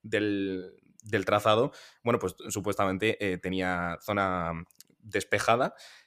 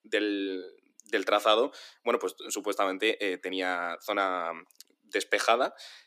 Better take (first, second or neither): first